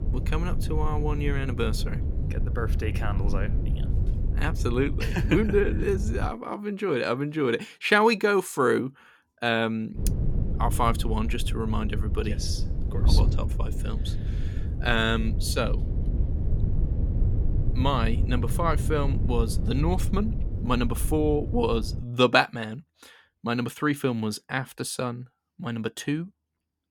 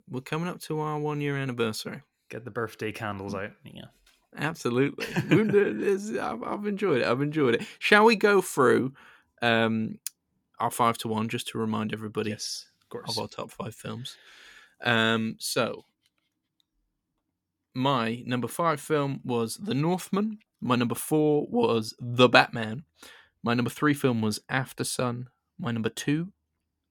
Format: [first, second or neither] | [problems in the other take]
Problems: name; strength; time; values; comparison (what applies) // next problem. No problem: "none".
second | wind noise on the microphone; occasional gusts; until 6.5 s and from 10 to 22 s; 15 dB below the speech